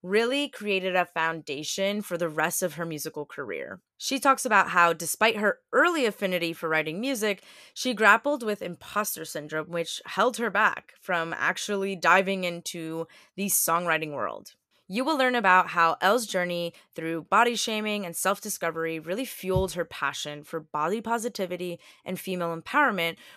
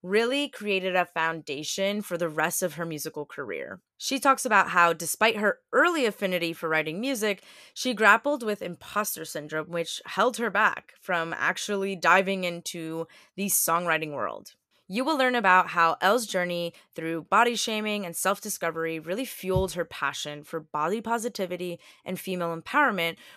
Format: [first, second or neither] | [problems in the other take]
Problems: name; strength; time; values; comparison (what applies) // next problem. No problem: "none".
neither | none